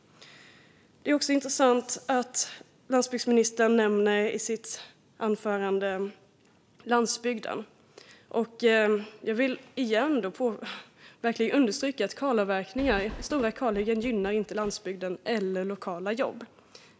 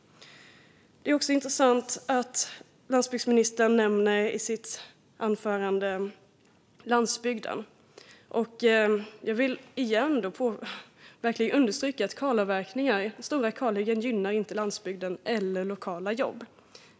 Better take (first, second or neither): second